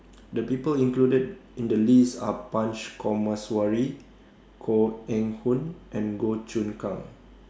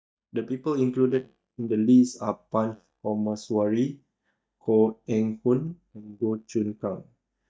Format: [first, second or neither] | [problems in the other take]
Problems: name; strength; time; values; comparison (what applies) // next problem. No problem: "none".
first | noise reduction (neural mask model DeepFilterNet 3)